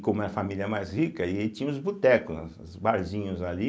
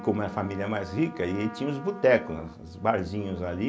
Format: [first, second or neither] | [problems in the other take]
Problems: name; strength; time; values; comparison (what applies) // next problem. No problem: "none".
first | background sound (Trumpet); 17 dB below the speech